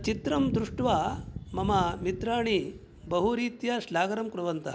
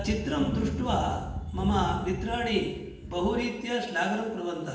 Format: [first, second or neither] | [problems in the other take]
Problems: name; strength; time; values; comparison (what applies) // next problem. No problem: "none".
first | room echo; dies away in 0.8 s